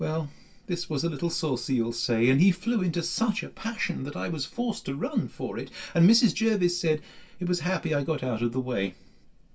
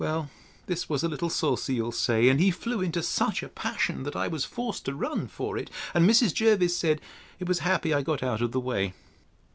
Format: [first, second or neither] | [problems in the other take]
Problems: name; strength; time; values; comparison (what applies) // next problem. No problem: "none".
second | room echo; dies away in 0.2 s